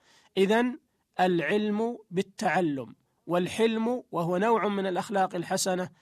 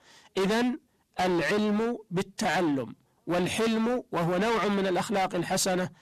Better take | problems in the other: first | distortion; heavy; 27% of the sound clipped

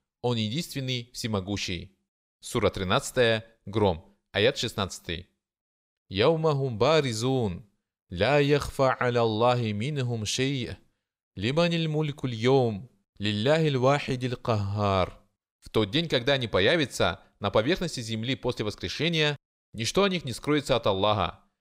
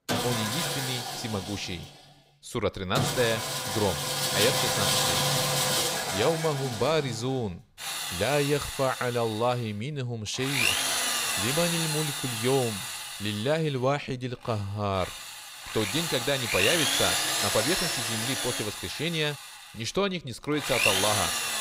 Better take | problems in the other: first | machinery noise; very loud; throughout; 2 dB above the speech

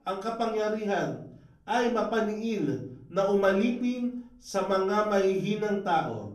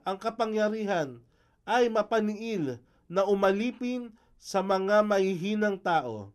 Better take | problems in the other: second | room echo; slight; dies away in 0.5 s // off-mic speech; far

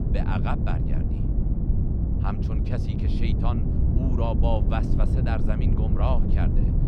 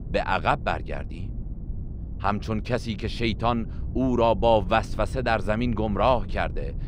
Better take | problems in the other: second | low rumble; loud; throughout; 3 dB below the speech; faint in the second

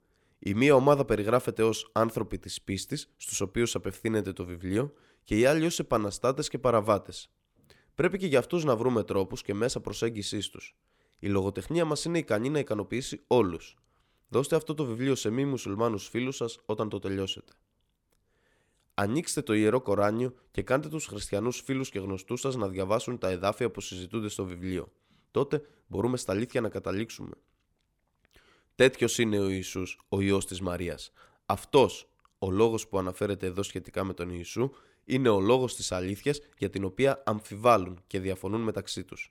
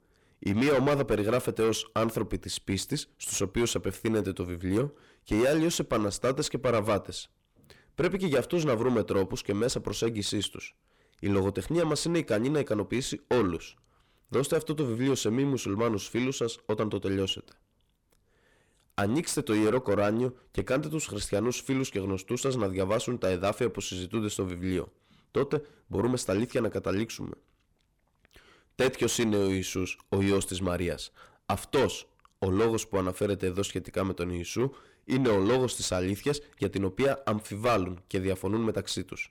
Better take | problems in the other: first | distortion; heavy; 7 dB below the speech

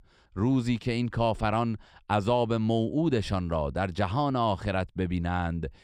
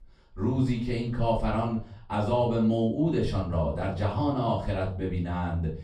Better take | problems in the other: first | off-mic speech; far // room echo; slight; dies away in 0.5 s

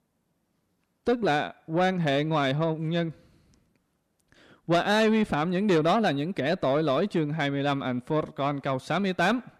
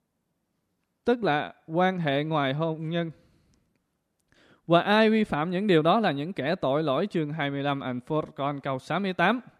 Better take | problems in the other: second | distortion; slight; 10 dB below the speech

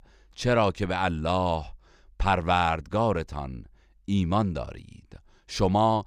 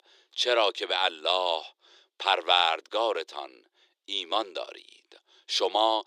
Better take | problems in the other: first | thin; very; fading below 350 Hz

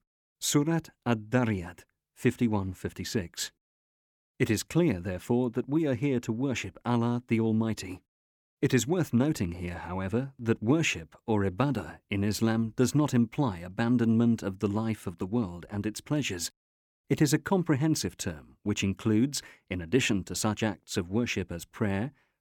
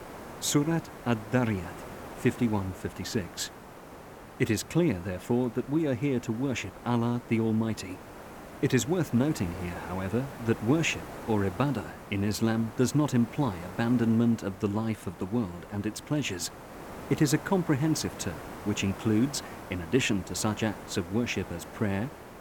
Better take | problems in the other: first | hiss; noticeable; throughout; 15 dB below the speech

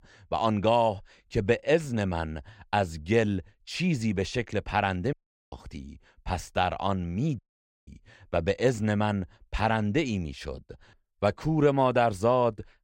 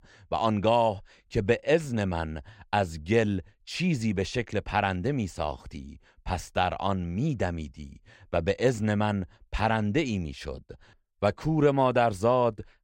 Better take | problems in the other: second | audio cutting out; at 5 s and at 7.5 s

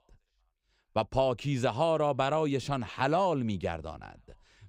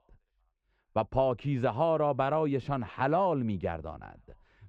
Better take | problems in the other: first | muffled; very; fading above 3.5 kHz

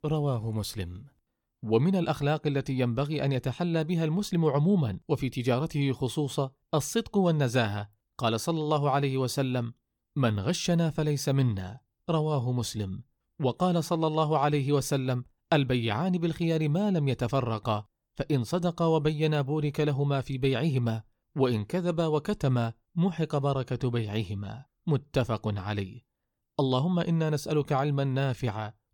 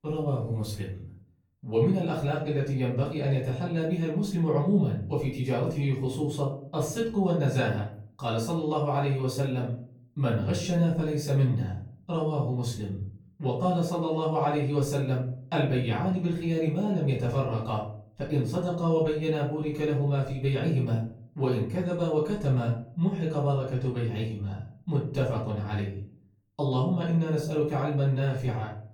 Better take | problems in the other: first | off-mic speech; far // room echo; noticeable; dies away in 0.5 s

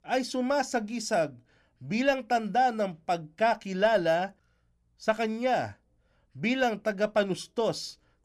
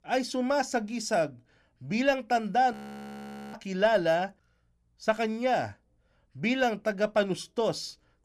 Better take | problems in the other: first | audio freezing; at 2.5 s for 1 s

